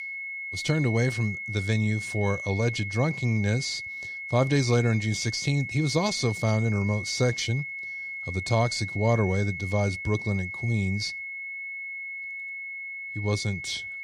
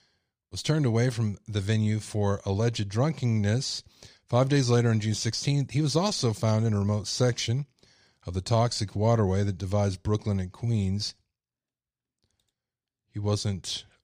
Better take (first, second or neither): second